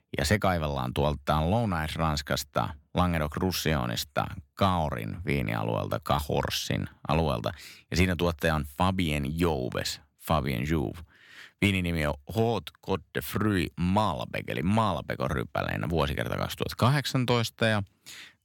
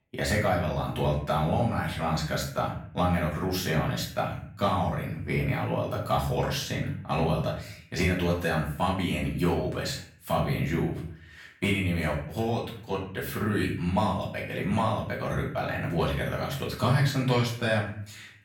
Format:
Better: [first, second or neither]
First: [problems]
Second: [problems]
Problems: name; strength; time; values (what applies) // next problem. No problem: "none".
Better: first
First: none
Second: room echo; noticeable; dies away in 0.5 s // off-mic speech; far